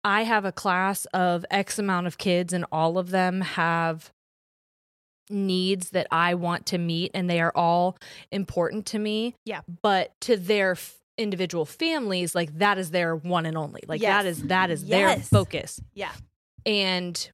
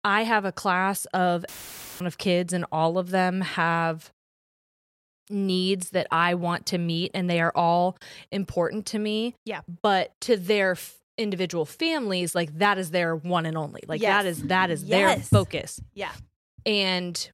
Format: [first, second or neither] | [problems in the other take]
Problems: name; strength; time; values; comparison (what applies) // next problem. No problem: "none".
first | audio cutting out; filled with static; at 1.5 s for 0.5 s